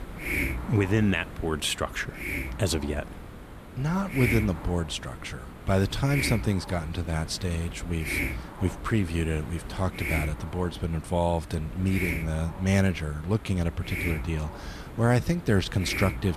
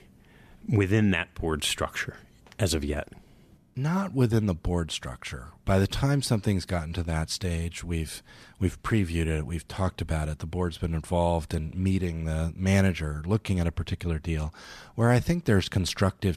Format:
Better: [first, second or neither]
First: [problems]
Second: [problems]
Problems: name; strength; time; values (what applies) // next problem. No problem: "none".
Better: second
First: hiss; loud; throughout; 7 dB below the speech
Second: none